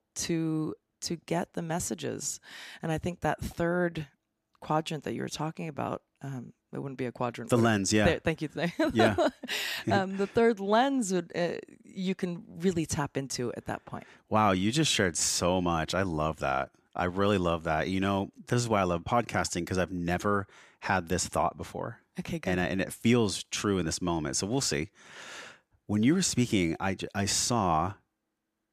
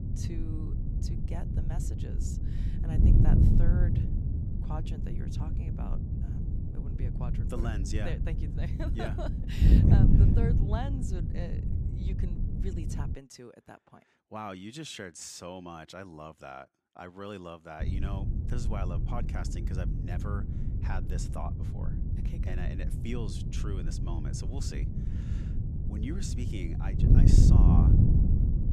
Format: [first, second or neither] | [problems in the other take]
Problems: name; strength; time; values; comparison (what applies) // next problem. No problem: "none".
first | wind noise on the microphone; heavy; until 13 s and from 18 s on; 1 dB above the speech